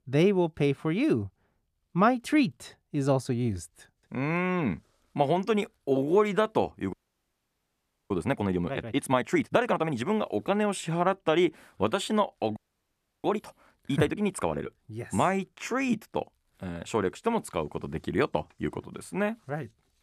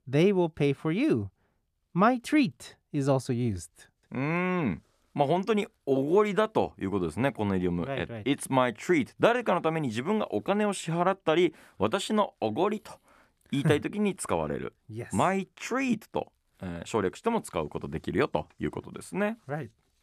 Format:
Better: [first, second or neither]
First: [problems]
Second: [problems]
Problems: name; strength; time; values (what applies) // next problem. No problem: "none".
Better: second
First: audio freezing; at 7 s for 1 s and at 13 s for 0.5 s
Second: none